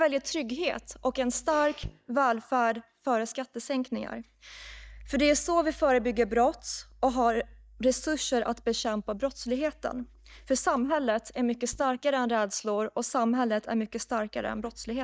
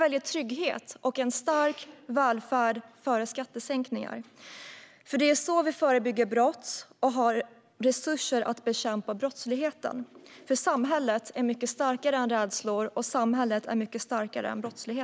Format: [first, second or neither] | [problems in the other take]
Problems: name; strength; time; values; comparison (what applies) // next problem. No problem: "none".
second | noise reduction (neural mask model DeepFilterNet 3)